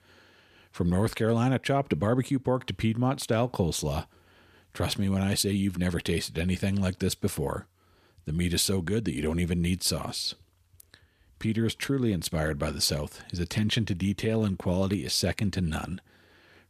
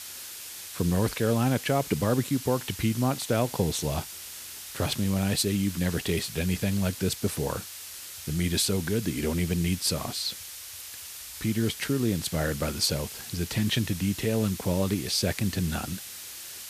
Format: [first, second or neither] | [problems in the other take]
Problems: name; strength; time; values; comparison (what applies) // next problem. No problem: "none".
first | hiss; noticeable; throughout; 10 dB below the speech